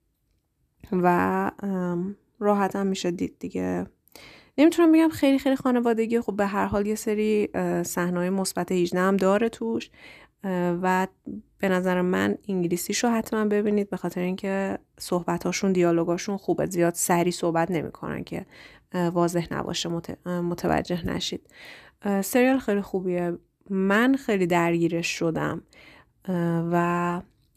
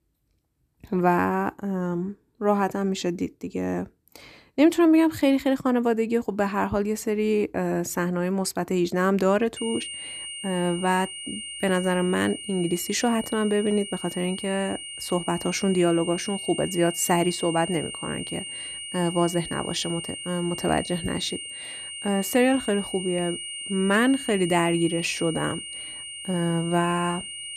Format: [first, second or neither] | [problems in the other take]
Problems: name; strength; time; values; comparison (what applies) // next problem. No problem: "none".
first | high-pitched whine; loud; from 9.5 s on; 3 kHz, 9 dB below the speech